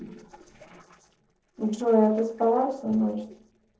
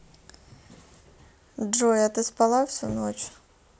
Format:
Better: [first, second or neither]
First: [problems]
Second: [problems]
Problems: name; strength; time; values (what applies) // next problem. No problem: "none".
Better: second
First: noise reduction (neural separator model SepFormer DNS4)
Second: none